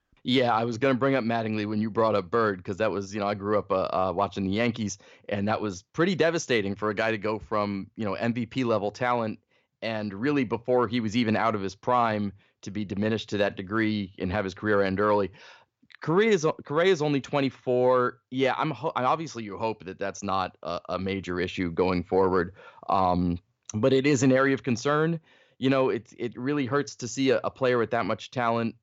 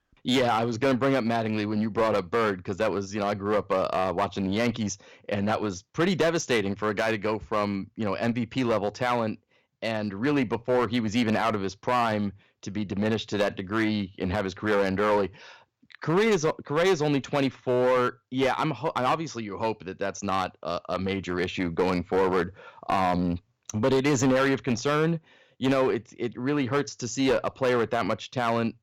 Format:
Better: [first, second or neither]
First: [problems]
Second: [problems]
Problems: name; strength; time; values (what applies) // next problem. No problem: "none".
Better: first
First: none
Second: distortion; slight; 8% of the sound clipped